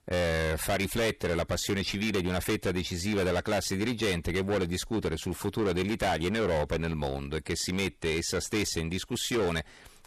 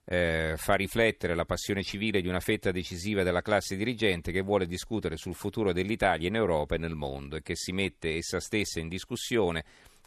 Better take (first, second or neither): second